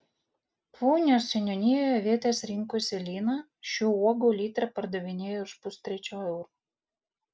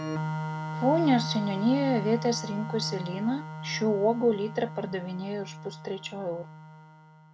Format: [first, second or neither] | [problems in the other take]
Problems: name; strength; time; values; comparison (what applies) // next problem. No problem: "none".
first | background sound (Organ); 7 dB below the speech